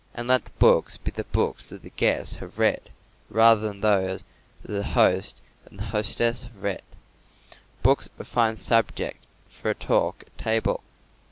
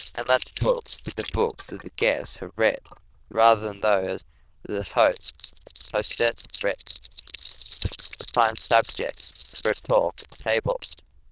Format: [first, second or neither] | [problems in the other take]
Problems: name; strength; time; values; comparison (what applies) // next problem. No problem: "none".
first | noise reduction (neural diffusion model UNIVERSE++)